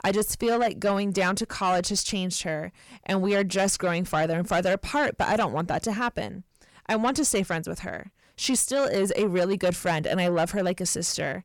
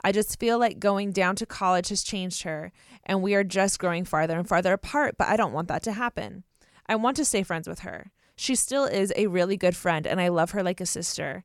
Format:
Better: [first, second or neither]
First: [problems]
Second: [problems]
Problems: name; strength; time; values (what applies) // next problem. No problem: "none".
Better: second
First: distortion; slight; 10 dB below the speech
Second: none